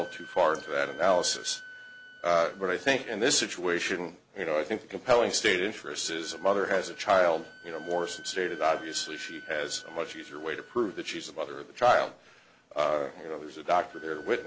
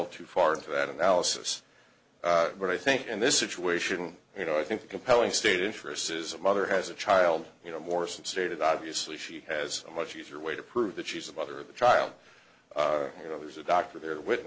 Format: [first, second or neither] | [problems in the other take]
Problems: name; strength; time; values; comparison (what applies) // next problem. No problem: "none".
second | background sound (Wind instrument, woodwind instrument); 20 dB below the speech